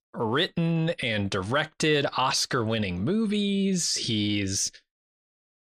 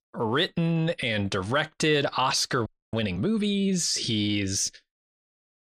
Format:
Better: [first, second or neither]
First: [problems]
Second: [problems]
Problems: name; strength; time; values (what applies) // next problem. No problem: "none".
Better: first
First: none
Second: audio freezing; at 2.5 s